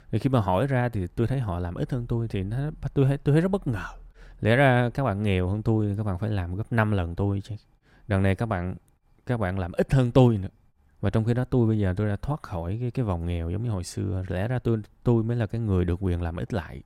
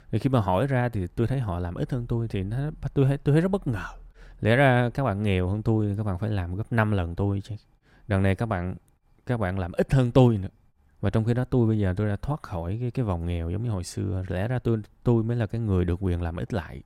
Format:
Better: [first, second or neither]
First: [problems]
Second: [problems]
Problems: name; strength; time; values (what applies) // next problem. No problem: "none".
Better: neither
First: none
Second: none